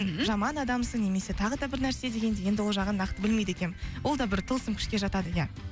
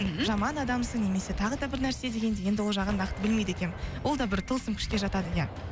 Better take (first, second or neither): first